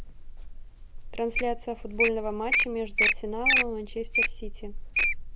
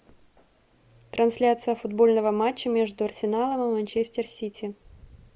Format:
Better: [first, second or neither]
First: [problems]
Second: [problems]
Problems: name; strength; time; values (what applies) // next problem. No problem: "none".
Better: second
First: background sound (Wild animals); 4 dB above the speech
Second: none